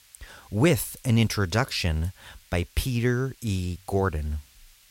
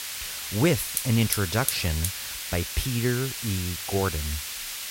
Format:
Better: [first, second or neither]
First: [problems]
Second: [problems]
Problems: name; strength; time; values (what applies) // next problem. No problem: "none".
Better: first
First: hiss; faint; throughout; 25 dB below the speech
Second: hiss; loud; throughout; 3 dB below the speech